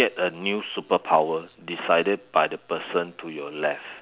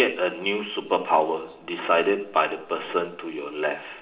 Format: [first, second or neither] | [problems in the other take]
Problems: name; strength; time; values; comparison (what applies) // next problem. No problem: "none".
first | room echo; dies away in 1.2 s